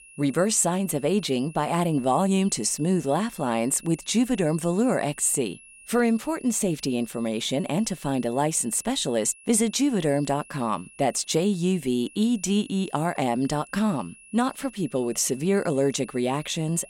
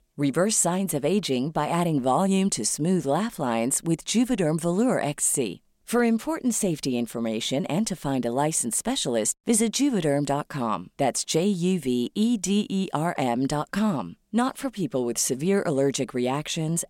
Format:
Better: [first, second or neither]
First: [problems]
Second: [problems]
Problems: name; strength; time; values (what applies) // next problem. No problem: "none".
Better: second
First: high-pitched whine; faint; throughout; 2.5 kHz, 20 dB below the speech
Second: none